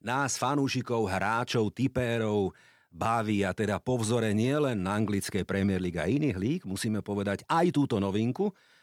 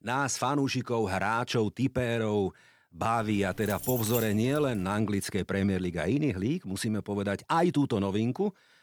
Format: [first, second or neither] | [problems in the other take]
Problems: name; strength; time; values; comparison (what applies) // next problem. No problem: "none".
first | jangling keys; noticeable; from 3 to 5 s; peak 4 dB below the speech